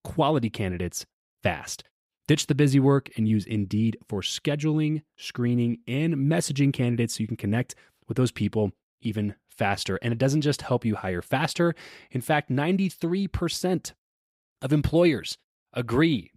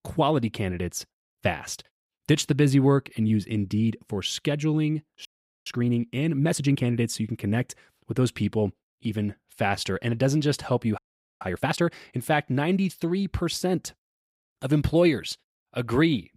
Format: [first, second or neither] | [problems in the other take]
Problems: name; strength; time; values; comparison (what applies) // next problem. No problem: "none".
first | audio freezing; at 5.5 s and at 11 s